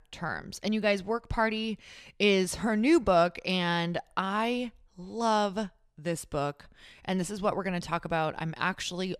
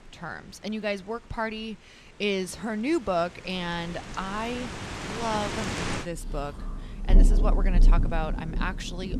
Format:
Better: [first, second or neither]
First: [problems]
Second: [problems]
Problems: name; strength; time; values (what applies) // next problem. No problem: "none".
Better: first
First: none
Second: rain or running water; very loud; throughout; 2 dB above the speech